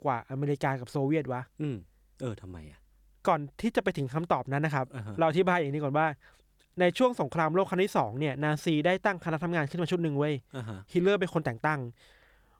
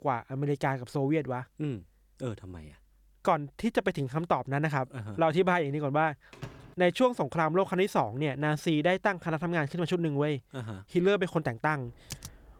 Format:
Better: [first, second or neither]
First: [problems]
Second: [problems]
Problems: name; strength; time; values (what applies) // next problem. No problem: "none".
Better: first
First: none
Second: door banging; faint; at 6.5 s; peak 15 dB below the speech // keyboard typing; faint; at 12 s; peak 15 dB below the speech